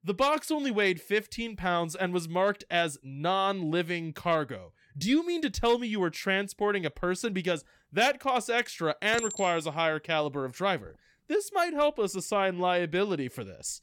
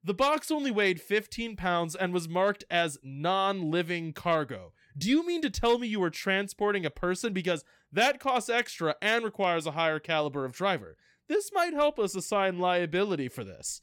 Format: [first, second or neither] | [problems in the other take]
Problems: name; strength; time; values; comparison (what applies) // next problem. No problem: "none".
second | clattering dishes; noticeable; from 9 to 11 s; peak 6 dB below the speech